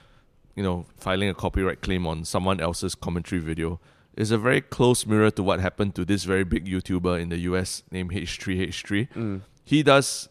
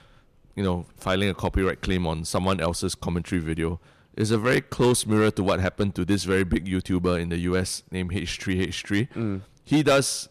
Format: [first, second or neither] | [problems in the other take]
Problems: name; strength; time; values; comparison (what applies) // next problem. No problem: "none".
first | distortion; slight; 3% of the sound clipped